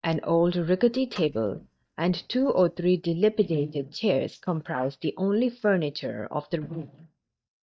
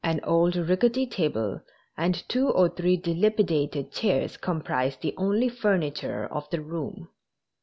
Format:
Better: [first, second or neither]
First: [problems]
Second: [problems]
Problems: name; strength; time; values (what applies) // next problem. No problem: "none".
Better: second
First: noise reduction (neural mask model DeepFilterNet 3)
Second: none